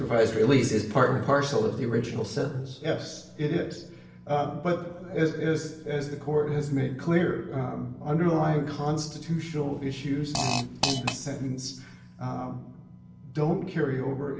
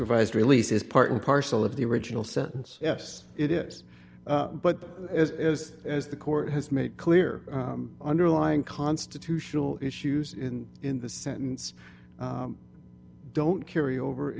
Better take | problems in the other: second | background sound (Fart); 5 dB below the speech // room echo; dies away in 0.7 s

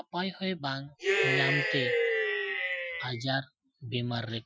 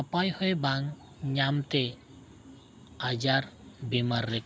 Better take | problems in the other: second | noise reduction (classical method Wiener filter)

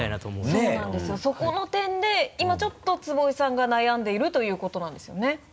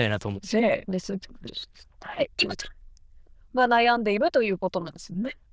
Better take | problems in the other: first | noise reduction (neural diffusion model UNIVERSE++)

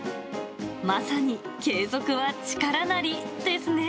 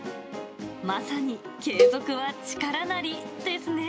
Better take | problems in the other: first | background sound (Cowbell); 4 dB above the speech

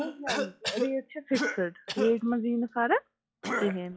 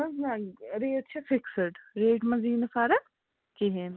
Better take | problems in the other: second | noise reduction (classical method log-MMSE)

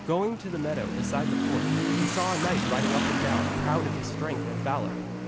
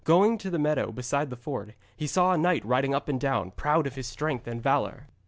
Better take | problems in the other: second | background sound (Motorcycle / Accelerating, revving, vroom); 3 dB above the speech

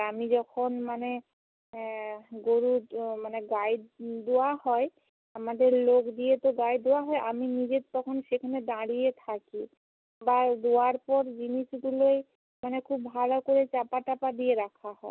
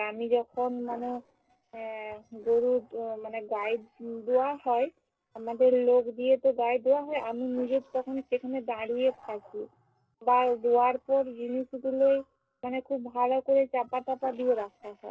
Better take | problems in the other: first | noise reduction (neural separator model SepFormer DNS4)

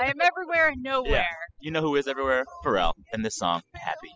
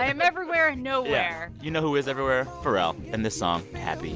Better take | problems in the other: second | noise reduction (classical method spectral subtraction)

